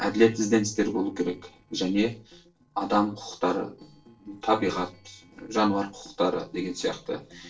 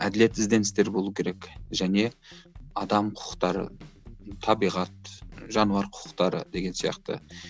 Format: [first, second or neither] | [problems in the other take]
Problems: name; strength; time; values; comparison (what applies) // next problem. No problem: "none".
second | noise reduction (neural separator model SepFormer DNS4)